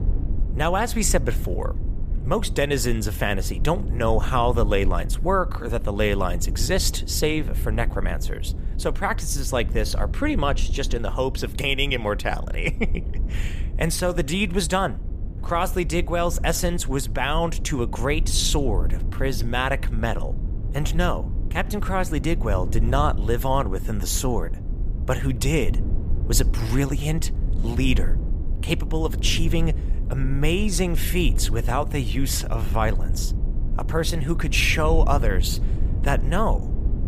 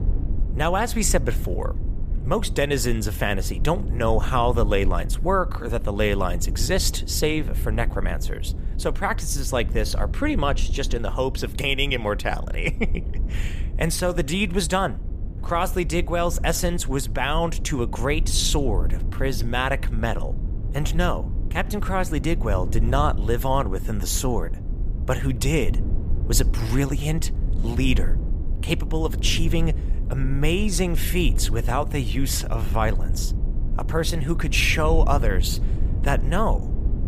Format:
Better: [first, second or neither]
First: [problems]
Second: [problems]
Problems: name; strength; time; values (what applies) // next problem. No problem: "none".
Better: neither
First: low rumble; noticeable; throughout; 15 dB below the speech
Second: low rumble; noticeable; throughout; 15 dB below the speech